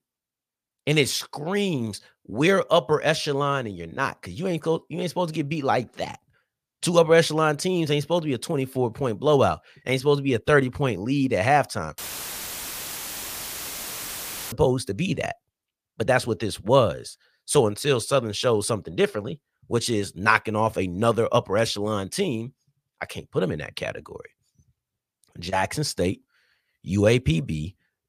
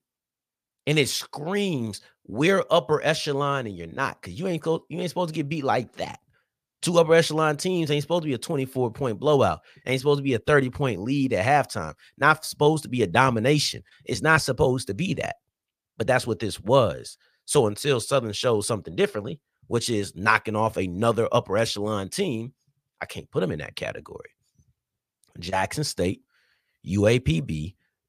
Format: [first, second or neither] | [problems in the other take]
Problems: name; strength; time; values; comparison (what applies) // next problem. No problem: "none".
second | audio cutting out; filled with static; at 12 s for 2.5 s